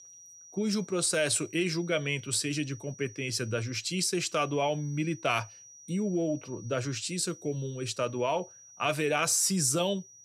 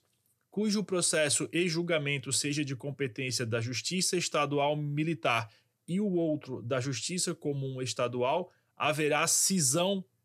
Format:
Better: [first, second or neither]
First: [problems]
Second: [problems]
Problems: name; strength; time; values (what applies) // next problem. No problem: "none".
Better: second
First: high-pitched whine; noticeable; throughout; 6 kHz, 20 dB below the speech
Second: none